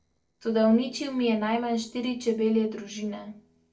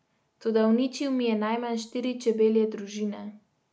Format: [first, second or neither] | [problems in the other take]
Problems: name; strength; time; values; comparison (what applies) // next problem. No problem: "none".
second | noise reduction (neural separator model SepFormer DNS4)